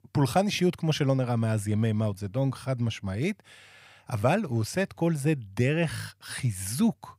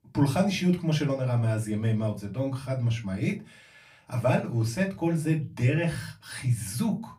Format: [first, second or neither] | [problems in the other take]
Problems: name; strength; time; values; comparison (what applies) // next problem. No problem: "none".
first | off-mic speech; far // room echo; very slight; dies away in 0.2 s